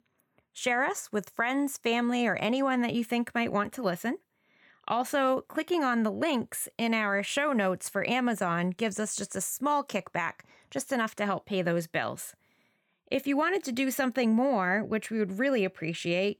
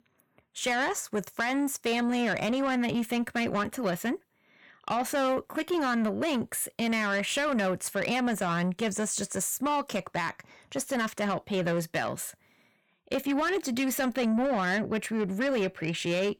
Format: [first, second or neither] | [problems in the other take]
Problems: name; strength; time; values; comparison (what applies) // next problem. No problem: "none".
first | distortion; slight; 10 dB below the speech